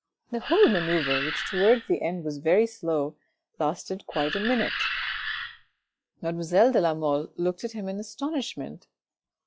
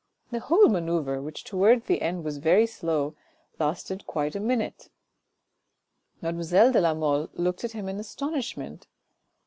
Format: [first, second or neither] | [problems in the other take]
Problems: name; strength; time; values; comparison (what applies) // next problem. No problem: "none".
second | noise reduction (classical method log-MMSE)